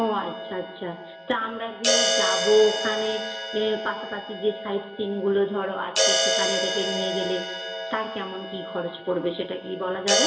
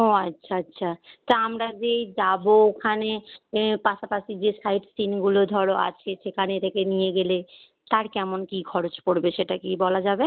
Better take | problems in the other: second | background sound (Crash cymbal); as loud as the speech // room echo; dies away in 1.2 s

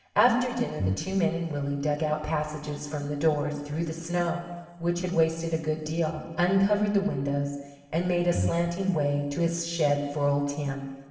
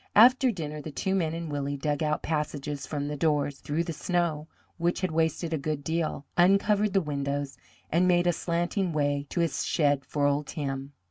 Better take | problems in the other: second | background sound (Breathing); 3 dB below the speech // room echo; dies away in 1.2 s

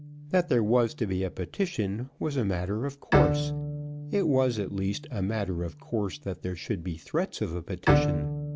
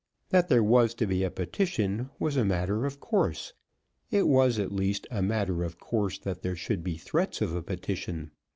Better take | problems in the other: second | background sound (Bowed string instrument); 3 dB below the speech

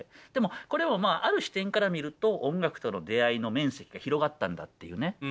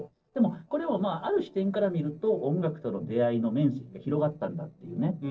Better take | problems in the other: first | noise reduction (neural separator model SepFormer DNS4)

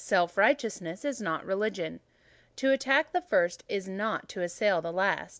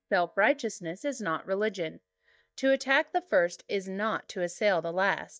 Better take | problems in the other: first | noise reduction (neural mask model DeepFilterNet 3)

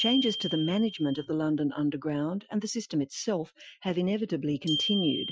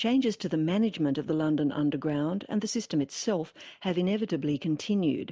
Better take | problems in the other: second | noise reduction (classical method Wiener filter)

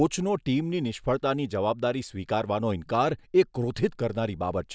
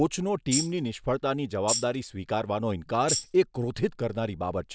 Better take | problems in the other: first | background sound (Tambourine); 2 dB below the speech

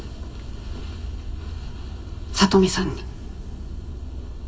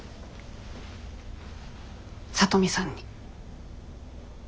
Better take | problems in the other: second | room echo; dies away in 2.5 s

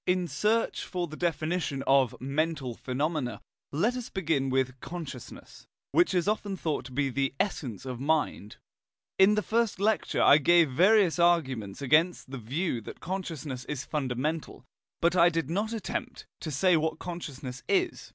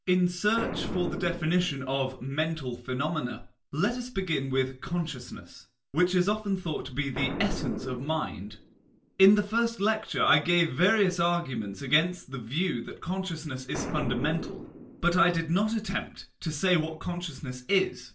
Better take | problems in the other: first | background sound (Boom); 13 dB below the speech // room echo; dies away in 0.3 s

